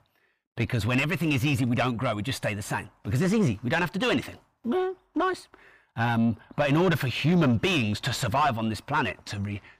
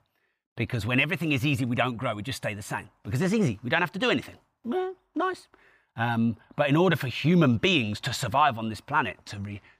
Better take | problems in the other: second | distortion; slight; 10 dB below the speech

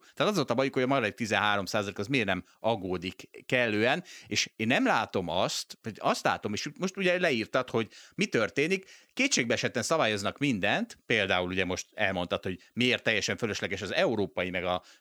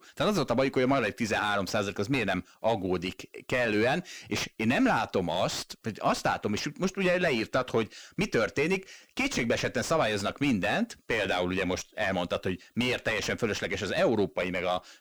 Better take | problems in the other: first | distortion; heavy; 6 dB below the speech

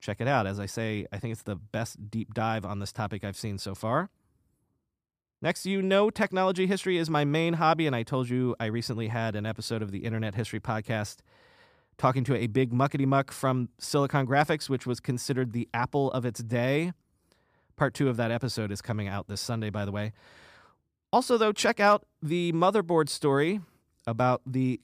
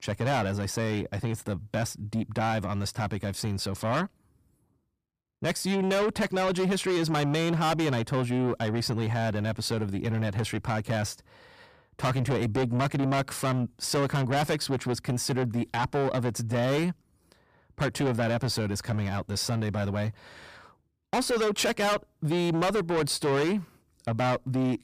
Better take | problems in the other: first | distortion; heavy; 6 dB below the speech

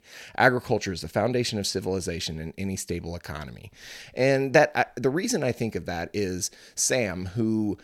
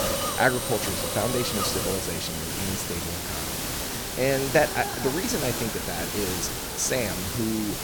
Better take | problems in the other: first | hiss; loud; throughout; as loud as the speech

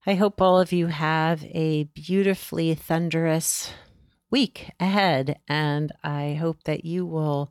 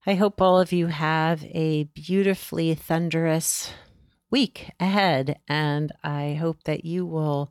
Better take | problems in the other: neither | none

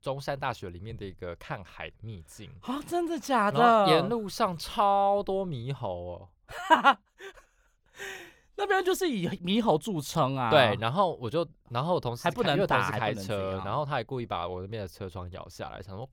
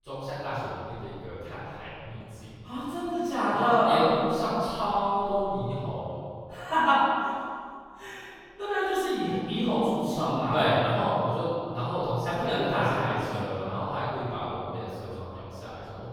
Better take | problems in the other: first | off-mic speech; far // room echo; strong; dies away in 2 s

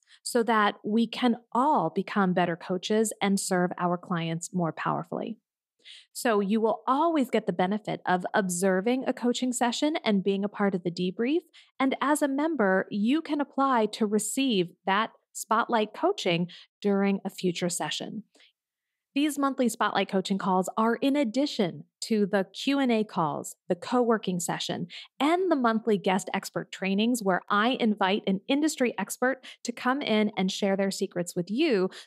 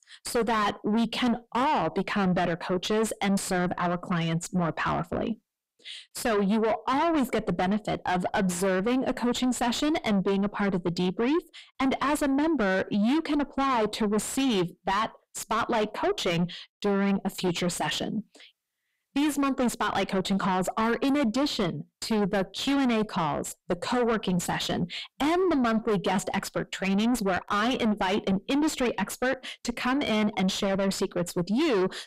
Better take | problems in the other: first | distortion; heavy; 5 dB below the speech

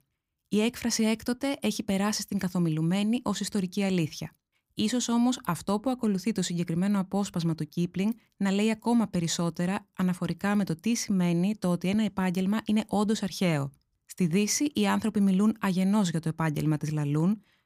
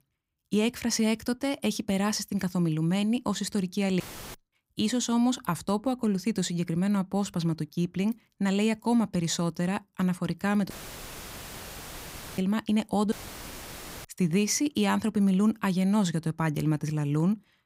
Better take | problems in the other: first | audio cutting out; filled with static; at 4 s, at 11 s for 1.5 s and at 13 s for 1 s

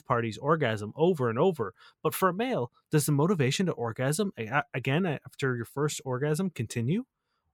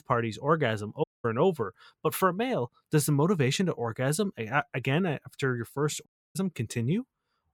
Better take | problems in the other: first | audio cutting out; at 1 s and at 6 s

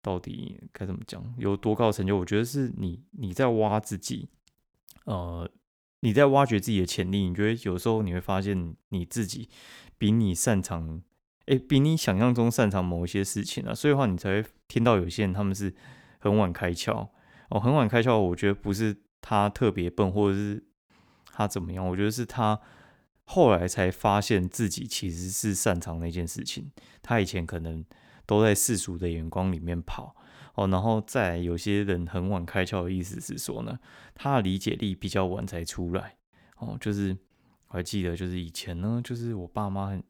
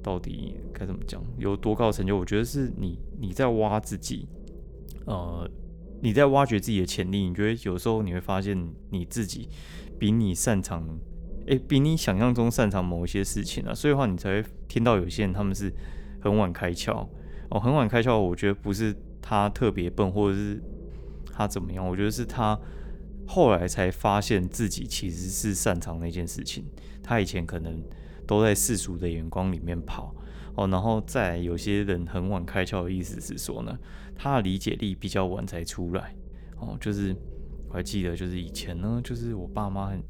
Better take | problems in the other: first | low rumble; faint; throughout; 25 dB below the speech

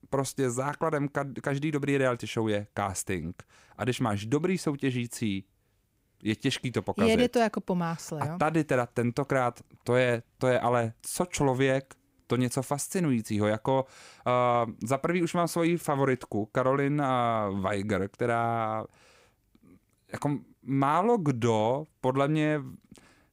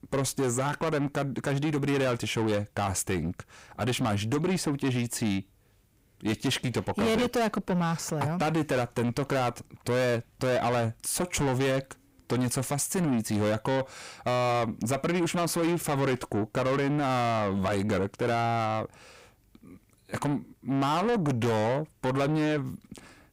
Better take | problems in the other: first | distortion; heavy; 7 dB below the speech

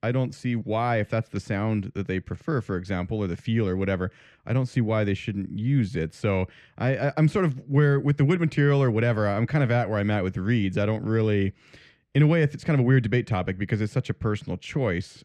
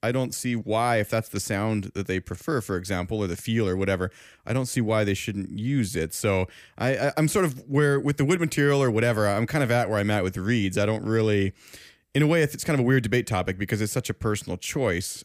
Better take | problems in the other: second | muffled; slightly; fading above 3.5 kHz

